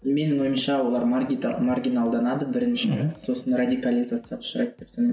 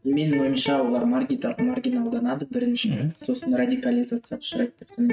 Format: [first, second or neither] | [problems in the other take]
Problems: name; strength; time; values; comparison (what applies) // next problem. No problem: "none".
first | noise reduction (neural mask model RNNoise)